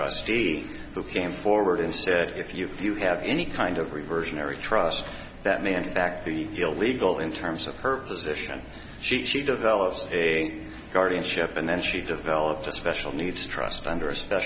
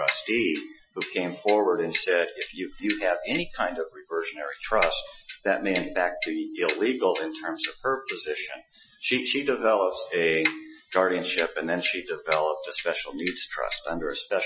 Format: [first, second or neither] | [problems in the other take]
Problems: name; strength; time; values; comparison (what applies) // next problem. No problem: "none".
first | noise reduction (classical method Wiener filter)